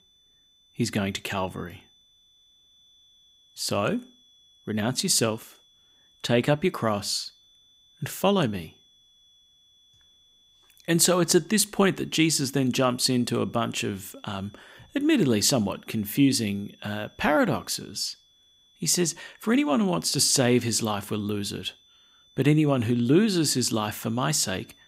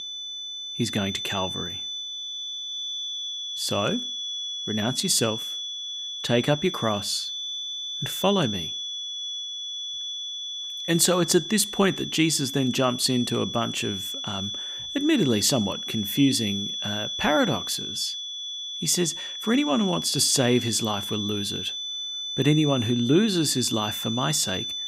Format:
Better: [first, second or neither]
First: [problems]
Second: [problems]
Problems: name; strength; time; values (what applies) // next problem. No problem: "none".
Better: first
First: high-pitched whine; faint; throughout; 3.5 kHz, 35 dB below the speech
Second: high-pitched whine; loud; throughout; 3.5 kHz, 5 dB below the speech